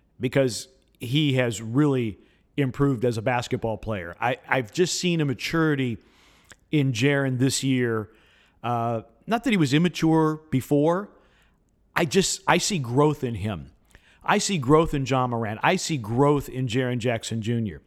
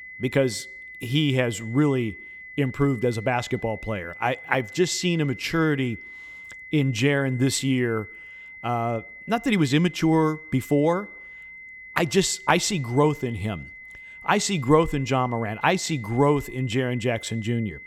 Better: first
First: none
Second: high-pitched whine; noticeable; throughout; 2 kHz, 15 dB below the speech

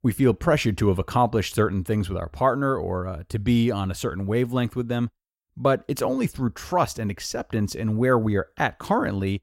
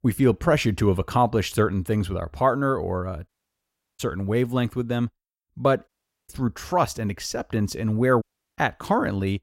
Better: first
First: none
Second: audio cutting out; at 3.5 s for 0.5 s, at 6 s and at 8 s

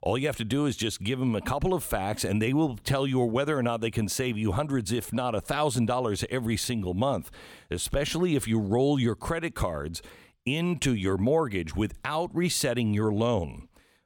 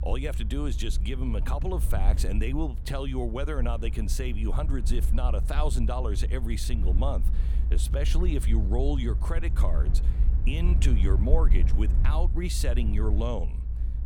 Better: first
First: none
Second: low rumble; noticeable; throughout; 10 dB below the speech

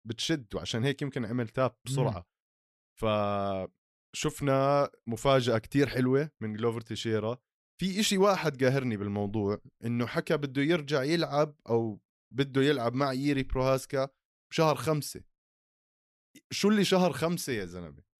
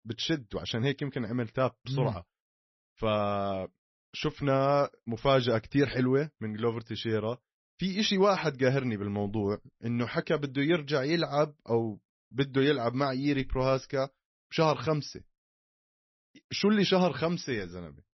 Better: first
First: none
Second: garbled, watery; slightly; nothing above 6 kHz

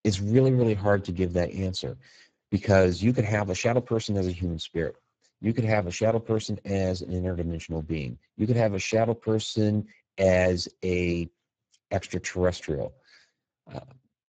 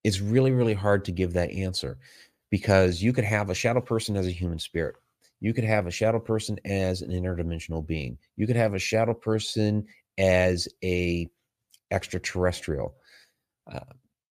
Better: second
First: garbled, watery; badly; nothing above 7.5 kHz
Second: none

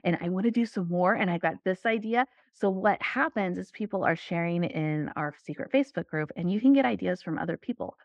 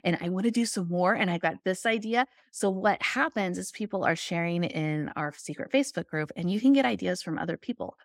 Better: second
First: muffled; slightly; fading above 2.5 kHz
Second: none

